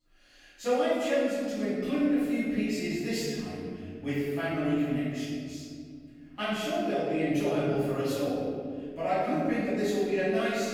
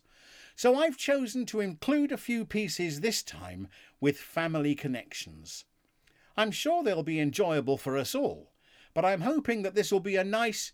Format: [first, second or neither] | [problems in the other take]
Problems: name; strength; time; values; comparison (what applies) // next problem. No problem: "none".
second | off-mic speech; far // room echo; strong; dies away in 2.4 s